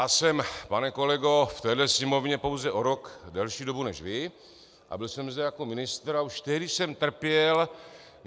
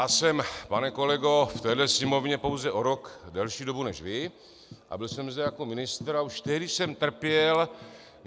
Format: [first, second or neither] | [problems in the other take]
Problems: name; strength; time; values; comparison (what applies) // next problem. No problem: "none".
first | background sound (Tambourine); 17 dB below the speech